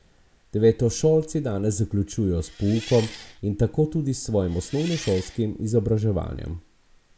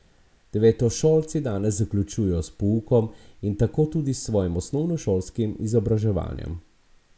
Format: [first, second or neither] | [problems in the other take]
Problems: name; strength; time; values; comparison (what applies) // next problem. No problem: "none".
second | background sound (Engine); 16 dB below the speech